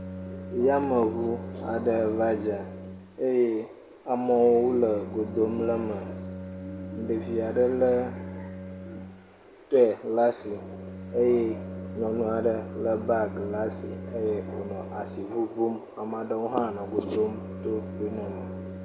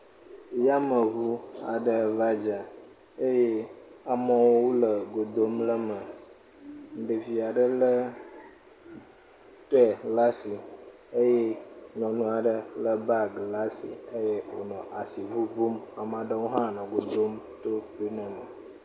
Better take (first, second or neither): second